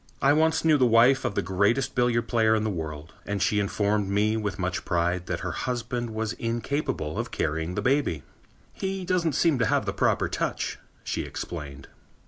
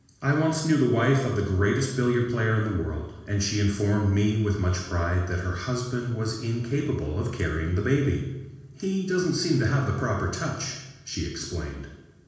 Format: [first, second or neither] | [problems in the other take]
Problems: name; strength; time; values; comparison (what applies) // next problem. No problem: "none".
first | room echo; dies away in 1.1 s